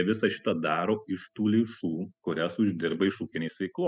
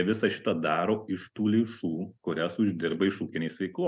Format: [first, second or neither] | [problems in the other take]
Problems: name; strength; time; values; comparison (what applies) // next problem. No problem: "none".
second | noise reduction (classical method spectral subtraction)